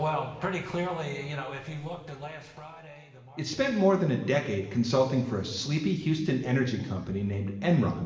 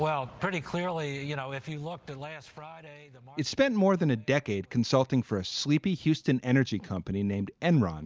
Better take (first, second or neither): second